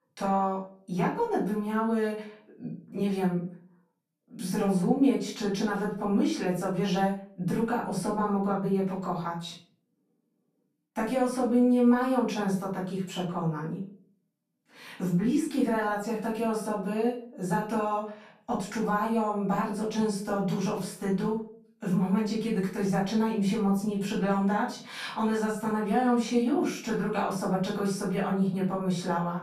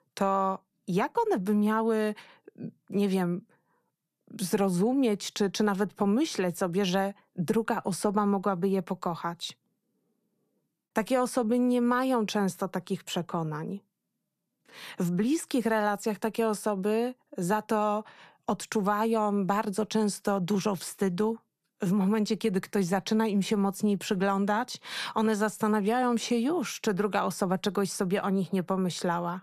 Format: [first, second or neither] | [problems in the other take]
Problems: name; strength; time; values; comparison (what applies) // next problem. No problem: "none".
second | off-mic speech; far // room echo; noticeable; dies away in 0.4 s